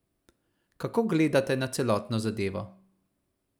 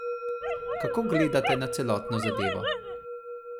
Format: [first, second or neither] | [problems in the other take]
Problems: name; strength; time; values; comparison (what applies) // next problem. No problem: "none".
first | background sound (Dog + Musical instrument); 1 dB below the speech